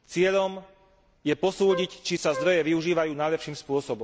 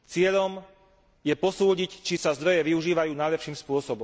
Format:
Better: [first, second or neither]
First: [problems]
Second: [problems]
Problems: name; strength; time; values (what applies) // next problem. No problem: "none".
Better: second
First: background sound (Wind instrument, woodwind instrument); 10 dB below the speech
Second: none